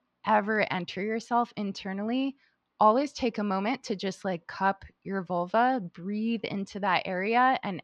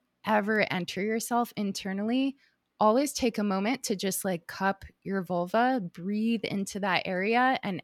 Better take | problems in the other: second | muffled; very slightly; fading above 5 kHz

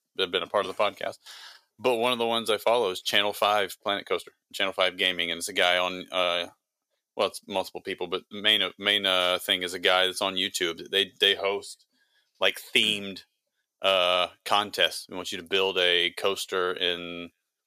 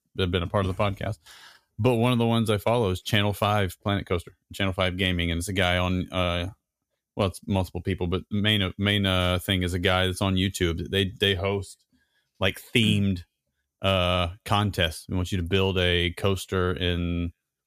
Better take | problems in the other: second | thin; very; fading below 500 Hz

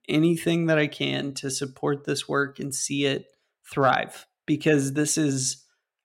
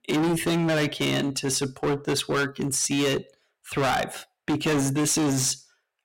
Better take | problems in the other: first | distortion; heavy; 22% of the sound clipped

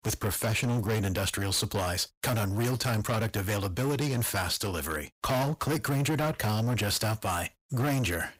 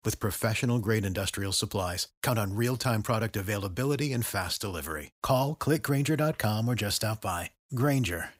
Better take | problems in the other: second | distortion; heavy; 21% of the sound clipped

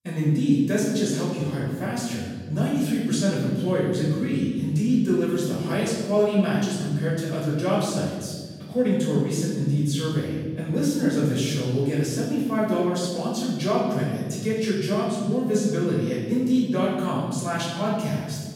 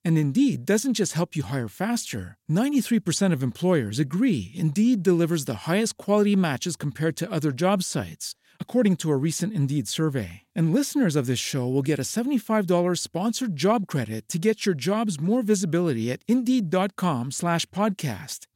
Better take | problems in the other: second | off-mic speech; far // room echo; noticeable; dies away in 1.4 s

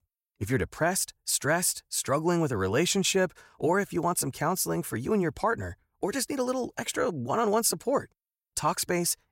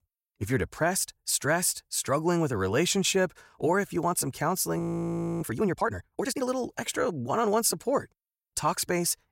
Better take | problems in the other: first | audio freezing; at 5 s for 0.5 s

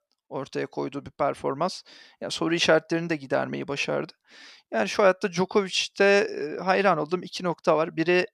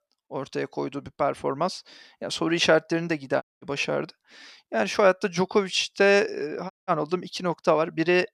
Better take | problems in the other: first | audio cutting out; at 3.5 s and at 6.5 s

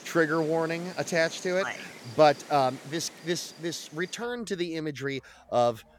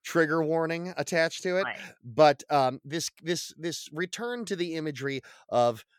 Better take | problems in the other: second | animal sounds; noticeable; throughout; 15 dB below the speech

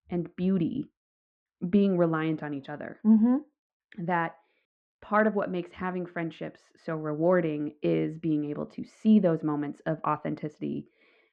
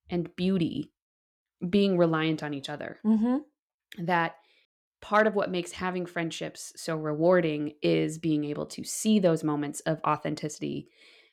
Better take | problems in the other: second | muffled; very; fading above 1.5 kHz

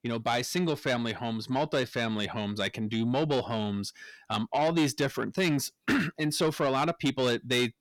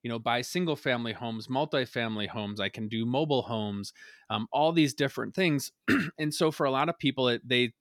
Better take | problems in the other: second | distortion; slight; 10 dB below the speech

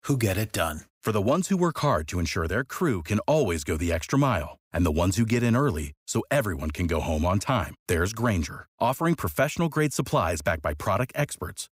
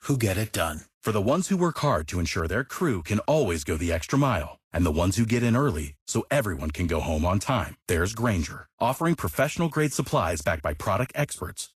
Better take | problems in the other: first | garbled, watery; slightly; nothing above 13 kHz

